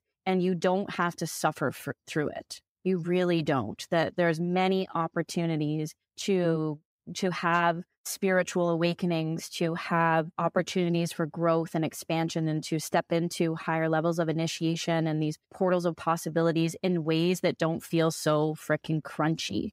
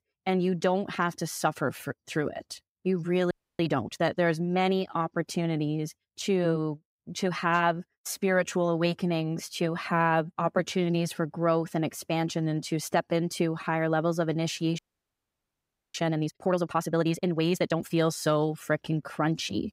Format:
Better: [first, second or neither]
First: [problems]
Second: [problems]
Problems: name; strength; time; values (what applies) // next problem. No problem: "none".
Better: first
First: none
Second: audio freezing; at 3.5 s and at 15 s for 1 s